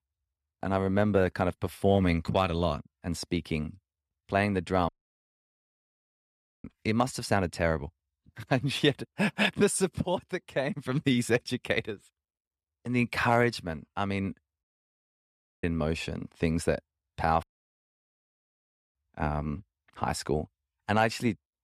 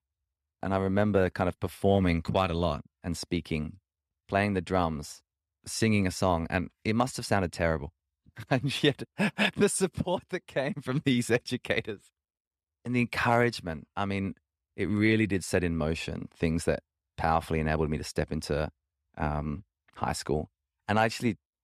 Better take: second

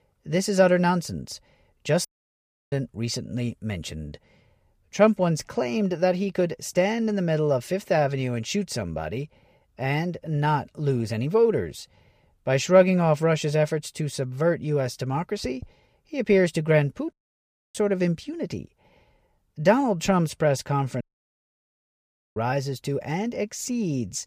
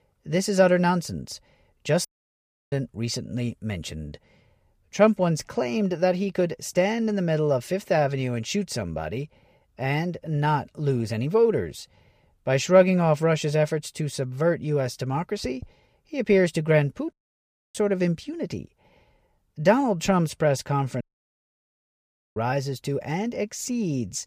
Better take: neither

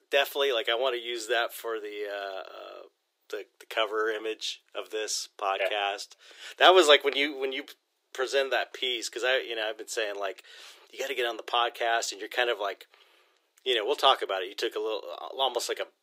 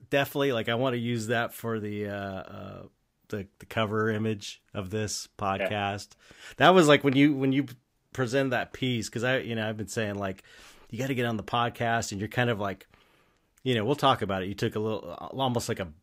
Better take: second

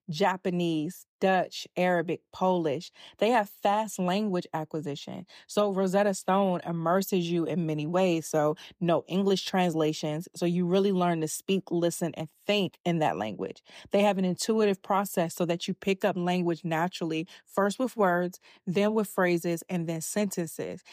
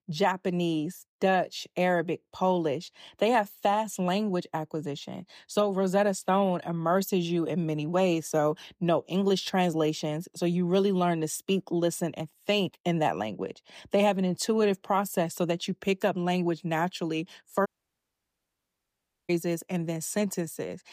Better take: first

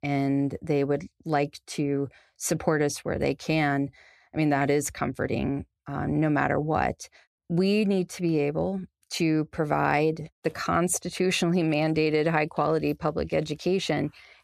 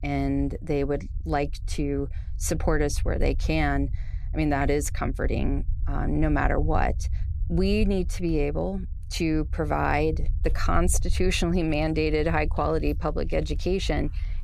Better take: first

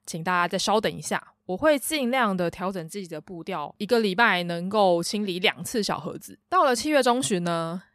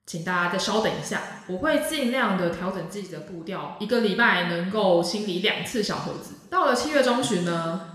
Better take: first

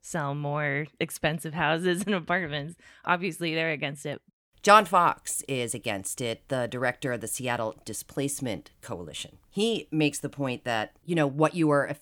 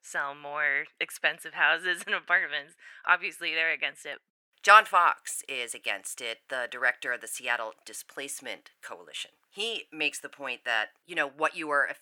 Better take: first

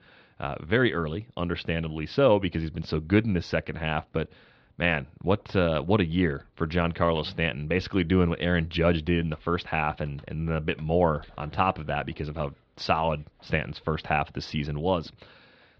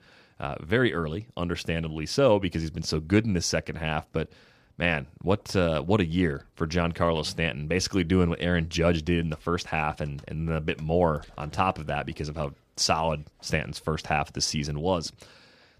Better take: second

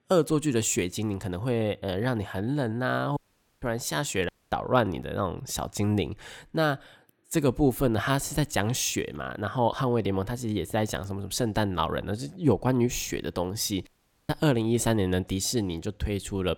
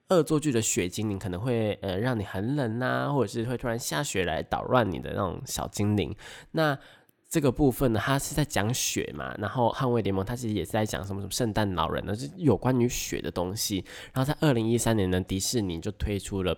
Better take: second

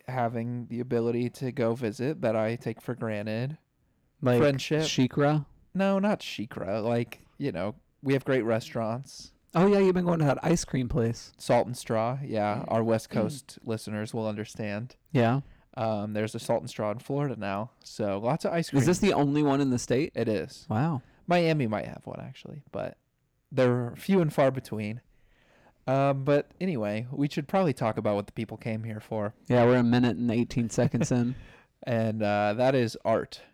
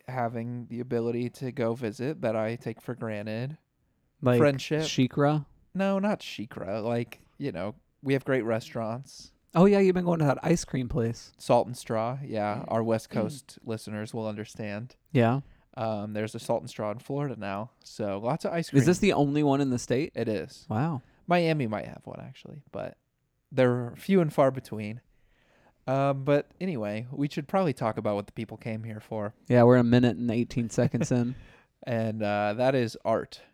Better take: second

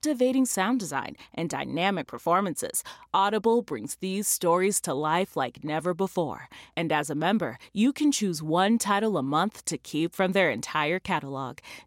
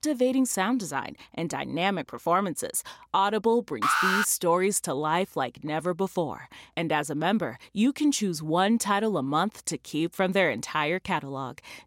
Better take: first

